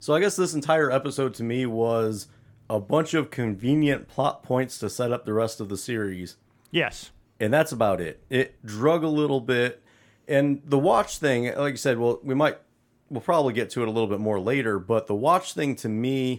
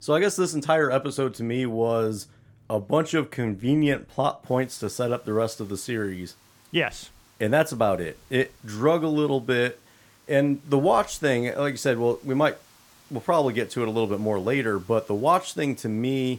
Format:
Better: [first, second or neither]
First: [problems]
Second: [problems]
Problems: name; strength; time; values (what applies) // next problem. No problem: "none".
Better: first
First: none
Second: hiss; faint; from 4.5 s on; 30 dB below the speech